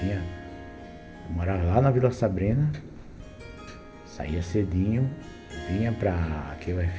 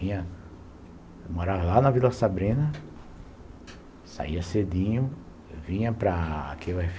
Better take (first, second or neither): second